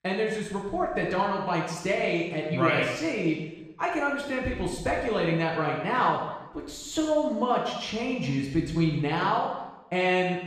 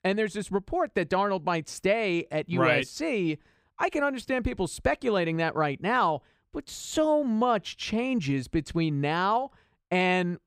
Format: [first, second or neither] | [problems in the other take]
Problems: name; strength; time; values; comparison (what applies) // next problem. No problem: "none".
second | room echo; noticeable; dies away in 0.9 s // off-mic speech; far